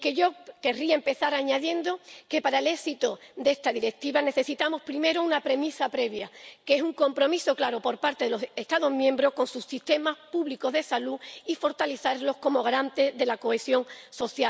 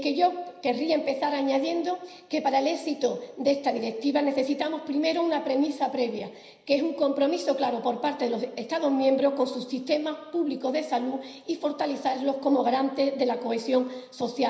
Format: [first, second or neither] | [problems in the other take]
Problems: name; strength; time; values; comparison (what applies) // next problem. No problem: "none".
first | room echo; dies away in 0.9 s